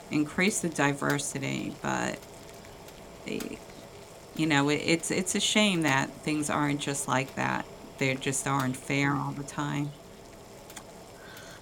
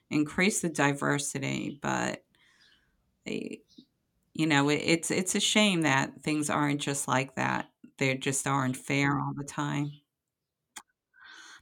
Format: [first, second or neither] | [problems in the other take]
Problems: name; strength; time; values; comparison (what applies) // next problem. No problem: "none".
second | household noises; noticeable; throughout; 20 dB below the speech